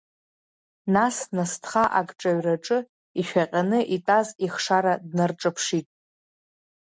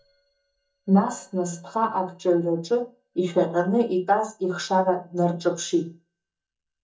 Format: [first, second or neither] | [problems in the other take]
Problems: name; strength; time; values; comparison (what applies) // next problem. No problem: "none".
first | noise reduction (neural mask model DeepFilterNet 3)